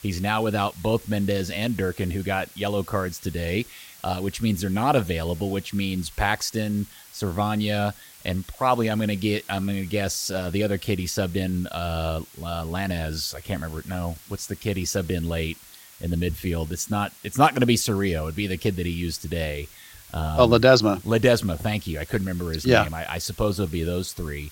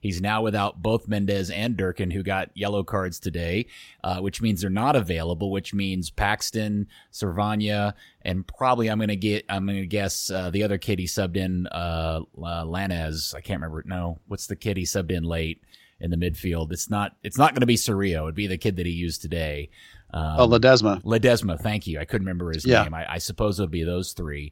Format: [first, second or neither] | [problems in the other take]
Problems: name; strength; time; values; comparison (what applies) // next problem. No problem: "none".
second | hiss; faint; throughout; 20 dB below the speech